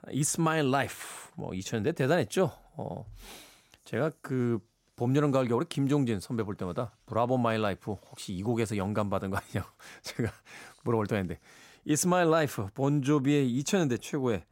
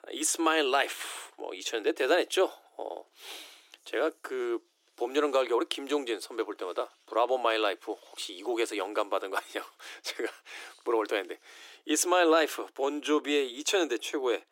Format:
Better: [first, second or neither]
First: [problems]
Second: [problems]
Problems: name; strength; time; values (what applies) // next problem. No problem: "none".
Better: first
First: none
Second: thin; very; fading below 300 Hz